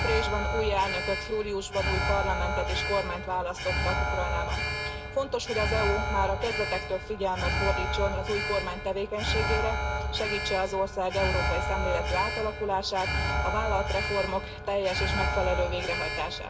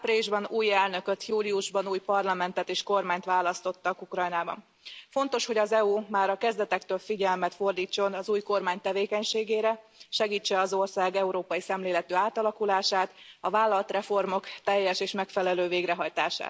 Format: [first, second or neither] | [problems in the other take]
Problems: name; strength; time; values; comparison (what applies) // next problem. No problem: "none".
second | background sound (Alarm); 1 dB above the speech // room echo; dies away in 1.6 s